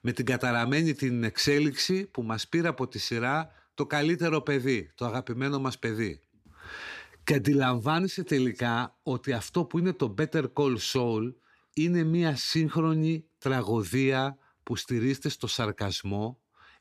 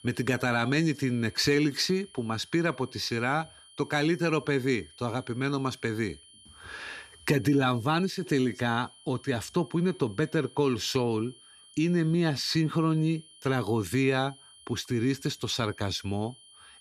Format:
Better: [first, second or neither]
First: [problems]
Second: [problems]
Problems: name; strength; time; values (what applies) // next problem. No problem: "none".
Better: first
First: none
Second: high-pitched whine; faint; throughout; 3 kHz, 25 dB below the speech